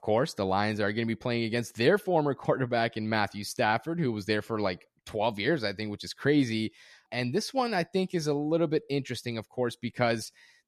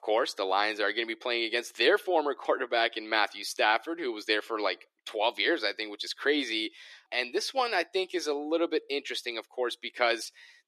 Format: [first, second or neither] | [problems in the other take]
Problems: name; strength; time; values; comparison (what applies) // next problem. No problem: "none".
first | thin; somewhat; fading below 350 Hz